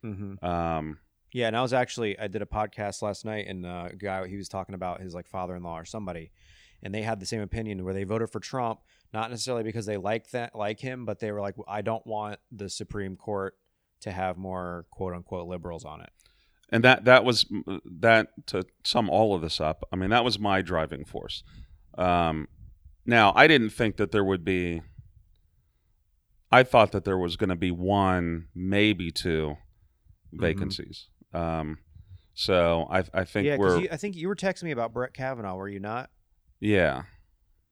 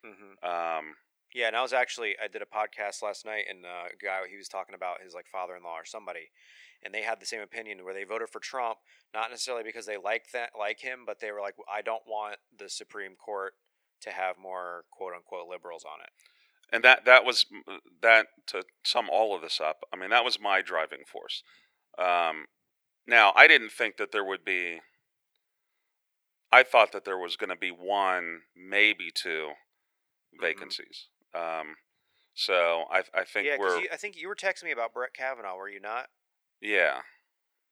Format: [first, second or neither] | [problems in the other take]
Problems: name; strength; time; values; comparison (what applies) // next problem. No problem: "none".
first | thin; very; fading below 500 Hz